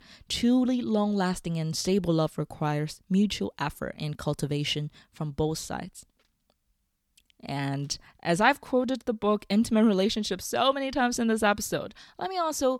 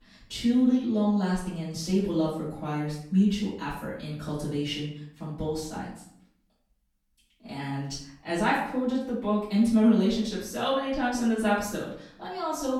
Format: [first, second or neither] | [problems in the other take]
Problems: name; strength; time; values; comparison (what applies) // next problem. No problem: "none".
first | room echo; noticeable; dies away in 0.6 s // off-mic speech; far